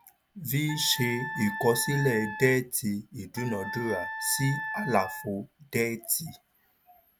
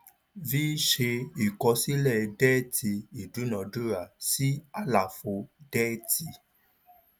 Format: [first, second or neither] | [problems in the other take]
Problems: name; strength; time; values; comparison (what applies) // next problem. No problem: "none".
second | background sound (Wind instrument, woodwind instrument); 7 dB below the speech